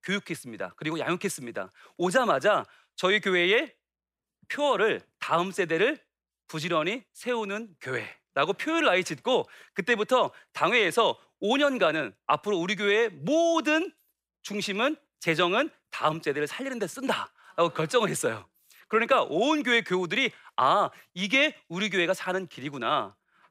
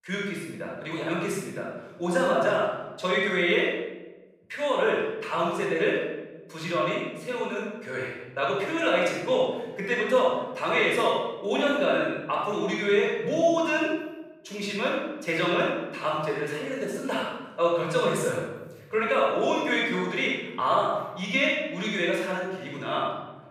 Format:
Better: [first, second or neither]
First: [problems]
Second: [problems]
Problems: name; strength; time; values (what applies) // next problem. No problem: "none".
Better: first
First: none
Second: off-mic speech; far // room echo; strong; dies away in 1.1 s